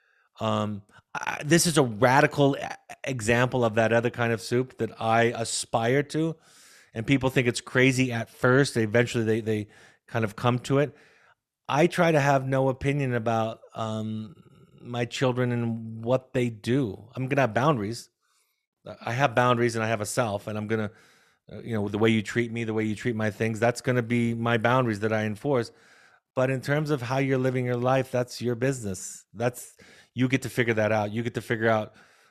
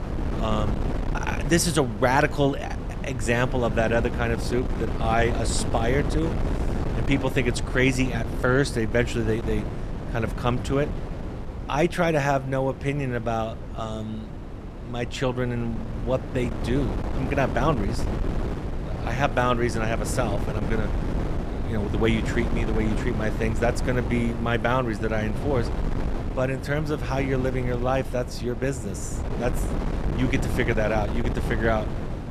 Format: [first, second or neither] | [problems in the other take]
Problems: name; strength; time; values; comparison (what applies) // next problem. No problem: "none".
first | wind noise on the microphone; heavy; 9 dB below the speech